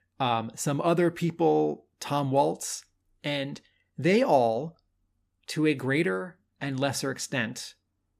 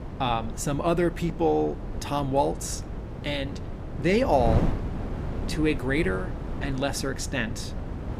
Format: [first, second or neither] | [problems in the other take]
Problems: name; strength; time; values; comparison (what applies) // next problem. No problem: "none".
first | wind noise on the microphone; occasional gusts; 15 dB below the speech